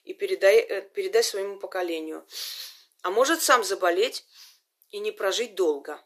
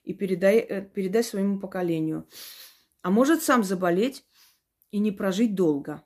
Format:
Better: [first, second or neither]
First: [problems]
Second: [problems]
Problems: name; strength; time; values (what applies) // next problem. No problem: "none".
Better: second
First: thin; very; fading below 400 Hz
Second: none